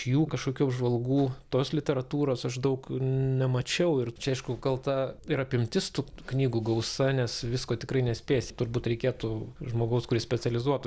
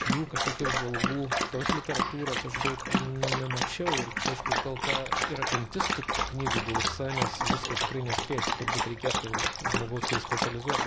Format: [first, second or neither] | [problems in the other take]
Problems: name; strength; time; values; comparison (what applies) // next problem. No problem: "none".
first | background sound (Dog); 4 dB above the speech